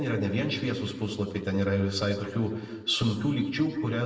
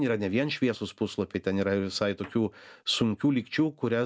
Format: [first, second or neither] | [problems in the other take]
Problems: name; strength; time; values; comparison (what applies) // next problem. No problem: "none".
second | room echo; dies away in 1.2 s